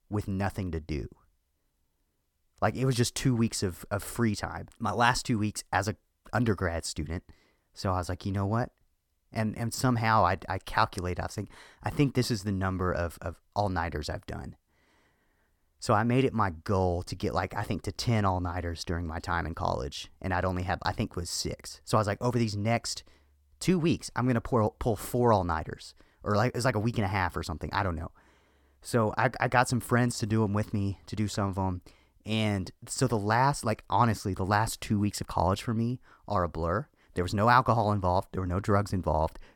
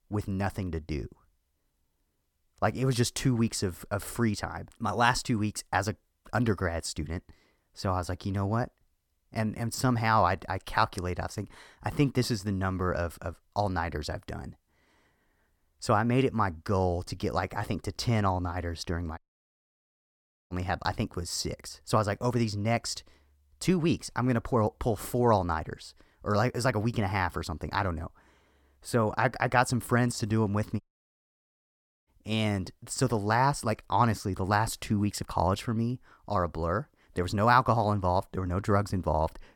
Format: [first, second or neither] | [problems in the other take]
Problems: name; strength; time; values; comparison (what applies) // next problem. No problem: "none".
first | audio cutting out; at 19 s for 1.5 s and at 31 s for 1.5 s